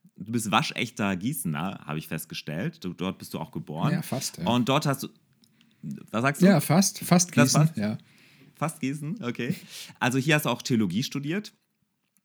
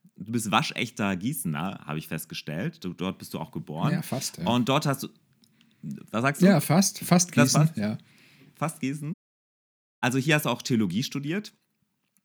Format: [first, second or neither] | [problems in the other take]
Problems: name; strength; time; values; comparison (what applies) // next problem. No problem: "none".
first | audio cutting out; at 9 s for 1 s